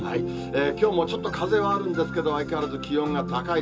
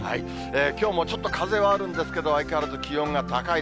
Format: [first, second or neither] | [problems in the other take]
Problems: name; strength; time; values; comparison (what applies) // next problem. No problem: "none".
second | room echo; dies away in 0.2 s